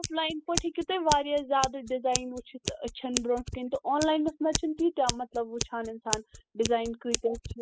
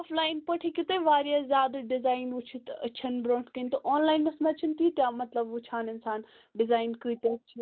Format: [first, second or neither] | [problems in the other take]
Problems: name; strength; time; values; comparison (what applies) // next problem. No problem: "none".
second | noise reduction (classical method spectral subtraction)